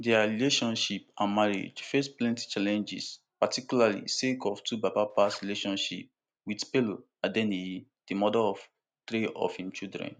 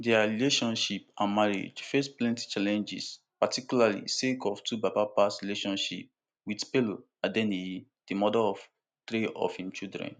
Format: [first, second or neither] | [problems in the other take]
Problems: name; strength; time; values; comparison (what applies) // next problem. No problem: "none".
second | background sound (Zipper (clothing)); 18 dB below the speech